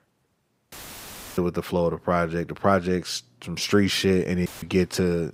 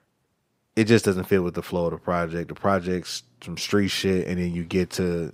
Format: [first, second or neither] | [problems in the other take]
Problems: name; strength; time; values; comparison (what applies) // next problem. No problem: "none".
second | audio cutting out; filled with static; at 0.5 s for 0.5 s and at 4.5 s